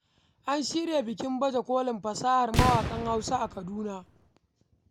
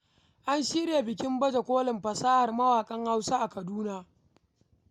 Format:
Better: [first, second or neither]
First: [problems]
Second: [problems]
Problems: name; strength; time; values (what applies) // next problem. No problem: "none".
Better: second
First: background sound (Fireworks); 2 dB below the speech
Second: none